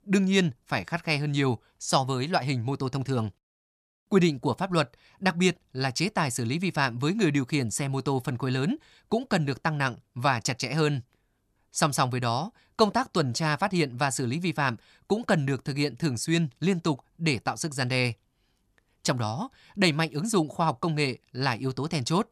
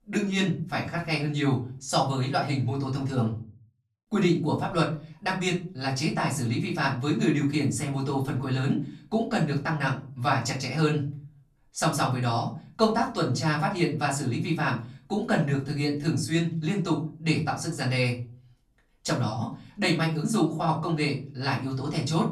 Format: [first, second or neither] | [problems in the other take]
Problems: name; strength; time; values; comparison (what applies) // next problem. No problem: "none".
first | off-mic speech; far // room echo; slight; dies away in 0.4 s